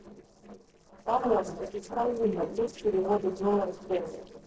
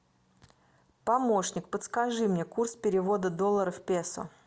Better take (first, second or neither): second